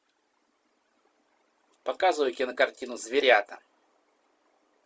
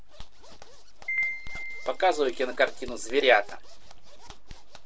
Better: first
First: none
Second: background sound (Zipper (clothing) + Piano); 5 dB below the speech

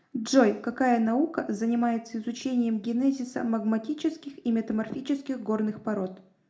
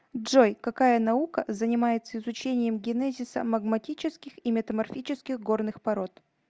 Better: second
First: room echo; dies away in 0.3 s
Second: none

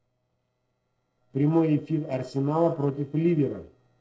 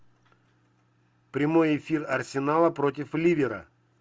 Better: second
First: noise reduction (neural separator model SepFormer DNS4)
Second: none

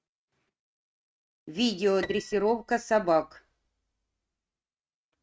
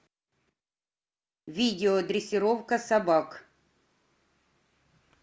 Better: second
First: noise reduction (neural mask model RNNoise)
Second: none

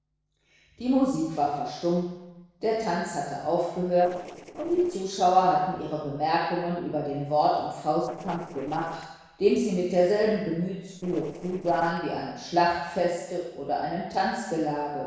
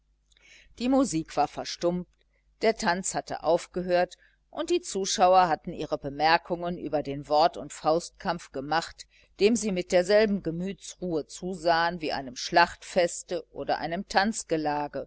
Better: second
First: noise reduction (neural separator model SepFormer DNS4)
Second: none

